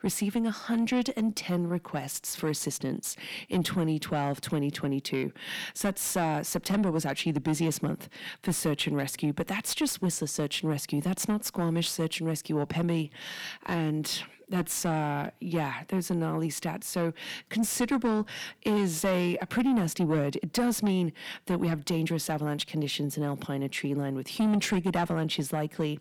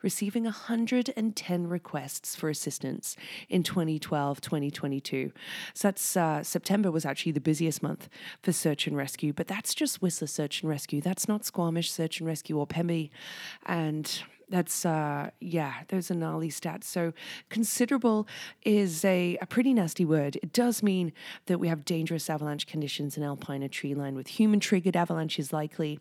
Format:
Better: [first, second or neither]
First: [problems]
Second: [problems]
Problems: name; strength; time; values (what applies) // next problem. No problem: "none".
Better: second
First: distortion; slight; 10 dB below the speech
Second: none